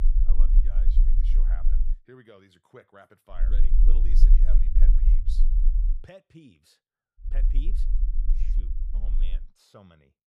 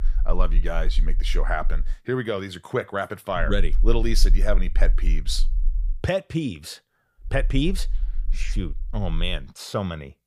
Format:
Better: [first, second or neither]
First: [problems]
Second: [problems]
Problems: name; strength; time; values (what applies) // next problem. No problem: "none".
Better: second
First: low rumble; loud; until 2 s, from 3.5 to 6 s and from 7.5 to 9.5 s; as loud as the speech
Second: low rumble; faint; until 2 s, from 3.5 to 6 s and from 7.5 to 9.5 s; 25 dB below the speech